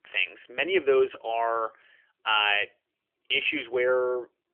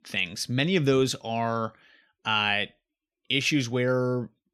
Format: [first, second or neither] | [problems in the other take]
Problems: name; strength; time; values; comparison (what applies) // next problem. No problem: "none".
second | phone-call audio; nothing above 3 kHz